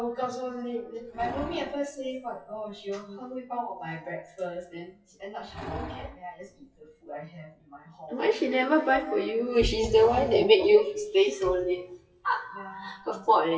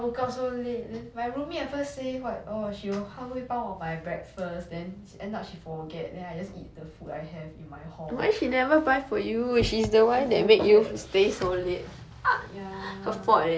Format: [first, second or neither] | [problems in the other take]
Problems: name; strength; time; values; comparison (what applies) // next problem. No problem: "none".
second | noise reduction (classical method WPE with log-MMSE)